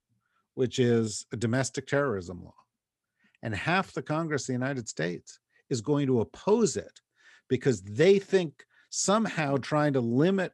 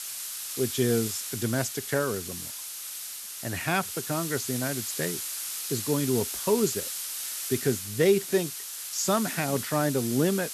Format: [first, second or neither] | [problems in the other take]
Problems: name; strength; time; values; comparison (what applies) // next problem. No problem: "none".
first | hiss; loud; throughout; 4 dB below the speech